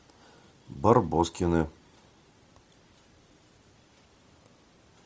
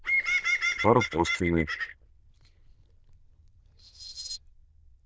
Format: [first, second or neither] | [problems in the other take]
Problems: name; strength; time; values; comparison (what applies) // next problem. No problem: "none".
first | noise reduction (neural diffusion model UNIVERSE++)